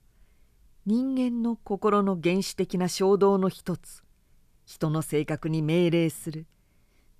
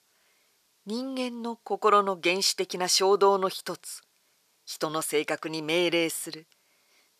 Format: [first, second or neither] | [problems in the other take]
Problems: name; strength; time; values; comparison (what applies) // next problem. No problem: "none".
first | thin; very; fading below 550 Hz